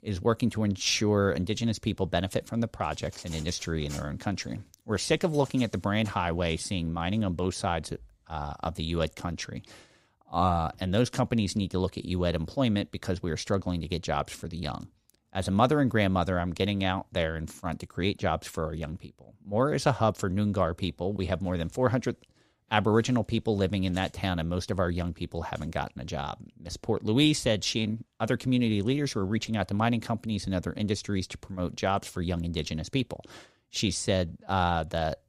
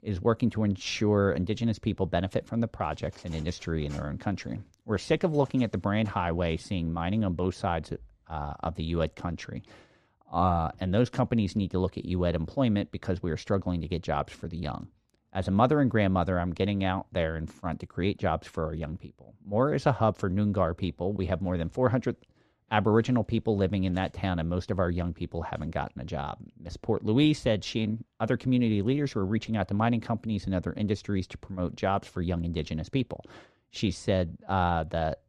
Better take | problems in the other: first | muffled; slightly; fading above 2 kHz

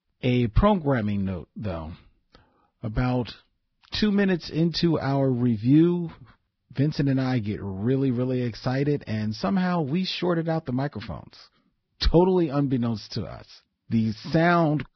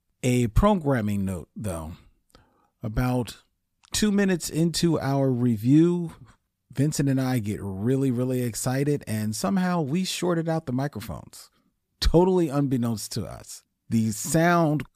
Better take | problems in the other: second | garbled, watery; badly; nothing above 5.5 kHz

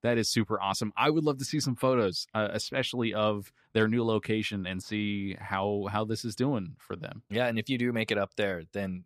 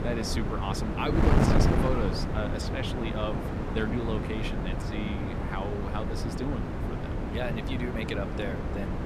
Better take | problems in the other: first | wind noise on the microphone; heavy; as loud as the speech

